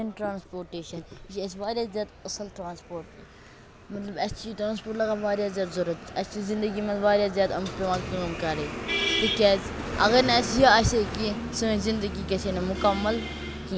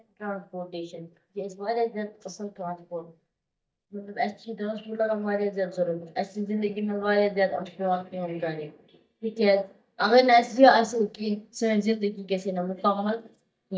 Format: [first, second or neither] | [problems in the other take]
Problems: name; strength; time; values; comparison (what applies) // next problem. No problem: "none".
first | noise reduction (neural mask model DeepFilterNet 3)